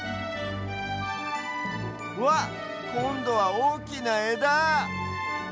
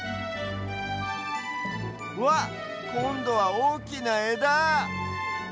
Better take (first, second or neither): second